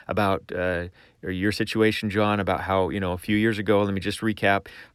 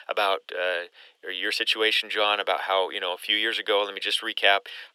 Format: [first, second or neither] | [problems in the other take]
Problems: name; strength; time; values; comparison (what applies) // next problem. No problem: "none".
first | thin; very; fading below 450 Hz